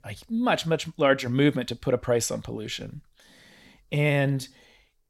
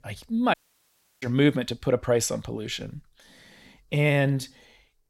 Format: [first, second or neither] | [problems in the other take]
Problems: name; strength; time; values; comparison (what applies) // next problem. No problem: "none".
first | audio cutting out; at 0.5 s for 0.5 s